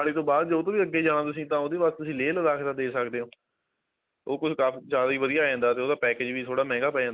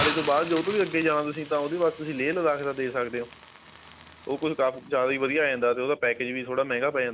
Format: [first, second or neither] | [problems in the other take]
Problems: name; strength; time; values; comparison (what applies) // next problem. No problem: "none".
first | background sound (Hiss); 13 dB below the speech